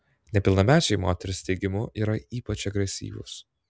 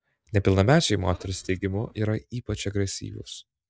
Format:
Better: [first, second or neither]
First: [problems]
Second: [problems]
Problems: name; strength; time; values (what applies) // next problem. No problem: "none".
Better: first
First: none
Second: noise reduction (neural mask model DeepFilterNet 3)